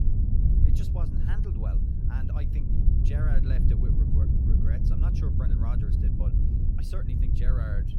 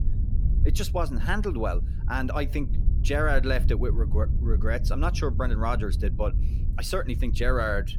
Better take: second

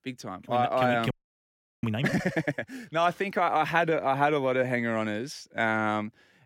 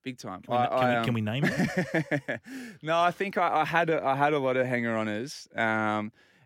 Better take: second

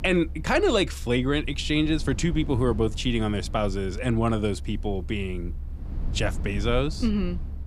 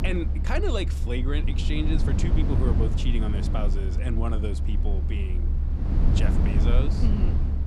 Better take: first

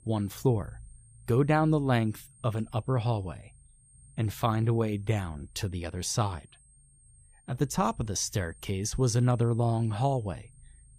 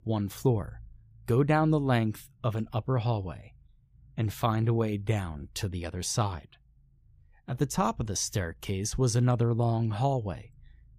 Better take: second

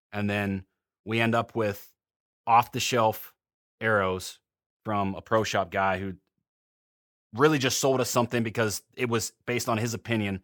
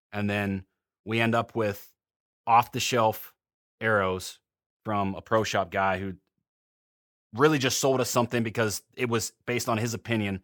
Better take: neither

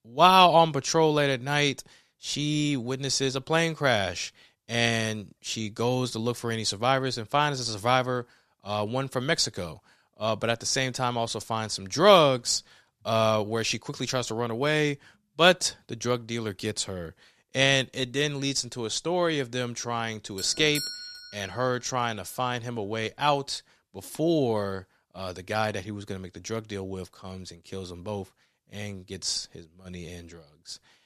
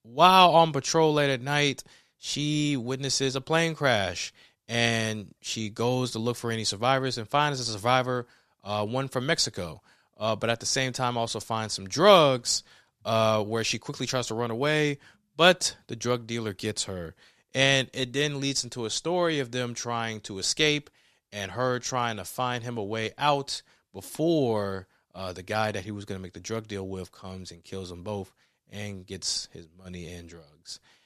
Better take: second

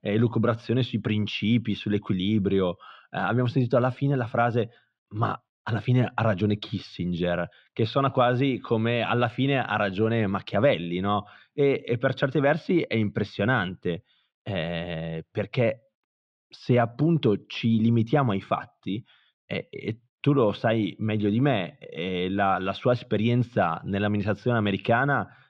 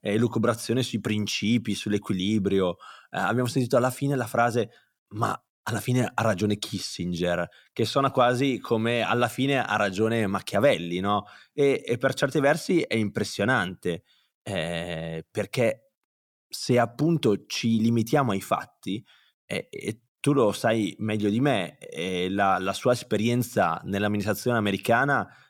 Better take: second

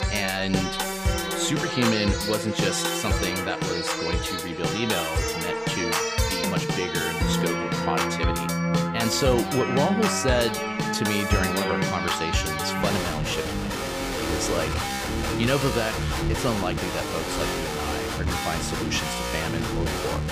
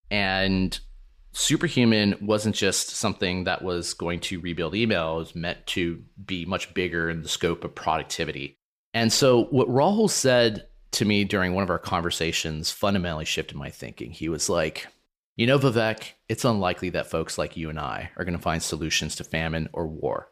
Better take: second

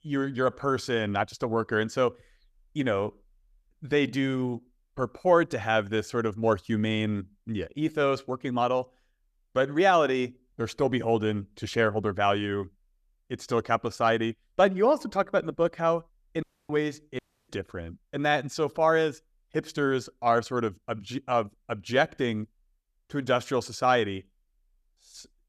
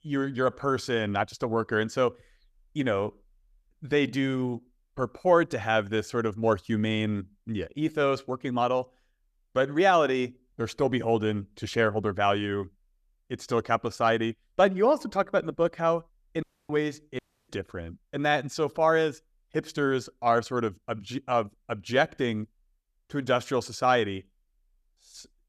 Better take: neither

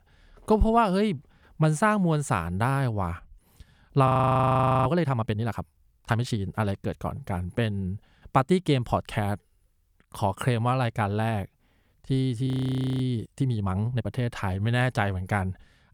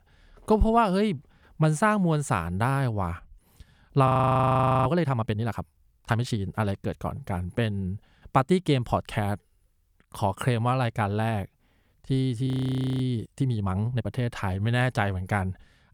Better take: neither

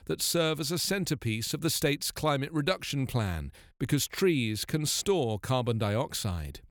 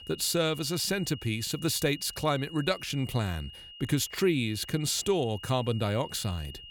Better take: first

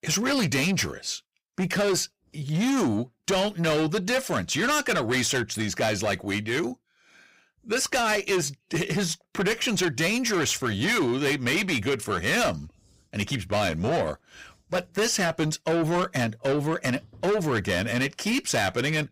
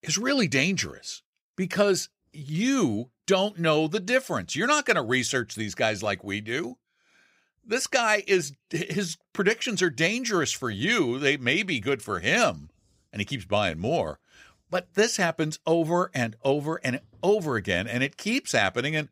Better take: second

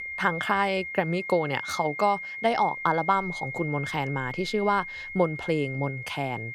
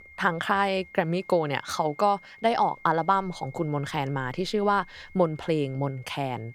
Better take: second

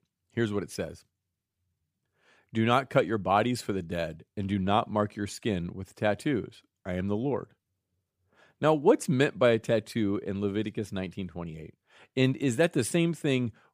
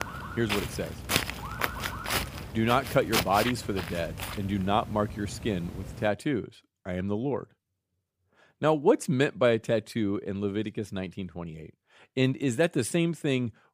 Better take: first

